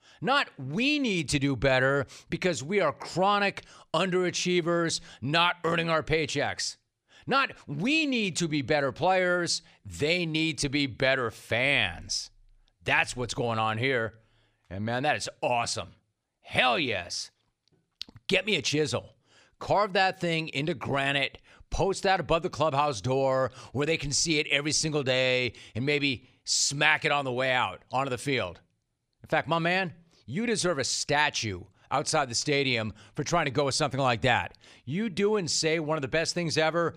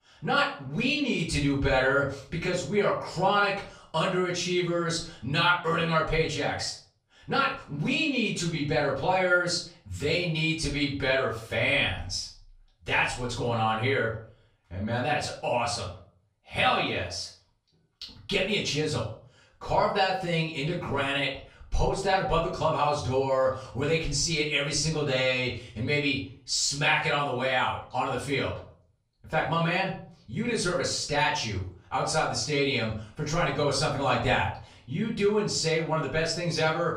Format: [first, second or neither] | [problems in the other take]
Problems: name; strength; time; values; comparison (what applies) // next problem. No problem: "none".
first | off-mic speech; far // room echo; slight; dies away in 0.4 s